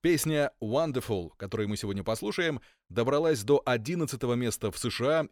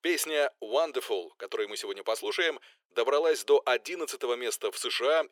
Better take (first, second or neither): first